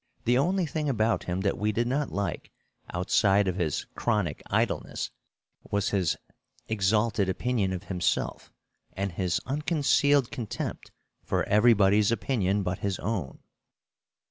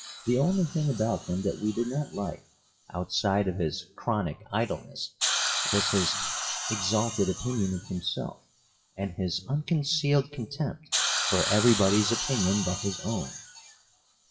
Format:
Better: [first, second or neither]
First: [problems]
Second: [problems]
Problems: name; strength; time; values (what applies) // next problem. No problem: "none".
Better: first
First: none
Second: noise reduction (classical method WPE with log-MMSE)